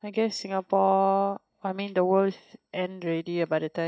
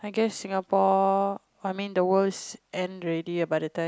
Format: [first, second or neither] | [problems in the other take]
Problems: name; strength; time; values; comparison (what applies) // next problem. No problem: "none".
second | noise reduction (neural mask model DeepFilterNet 3)